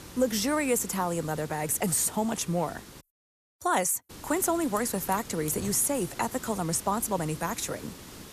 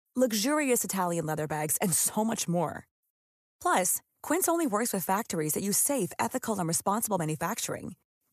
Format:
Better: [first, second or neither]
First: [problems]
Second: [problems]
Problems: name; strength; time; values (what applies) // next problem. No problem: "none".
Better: second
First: hiss; noticeable; until 3 s and from 4 s on; 15 dB below the speech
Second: none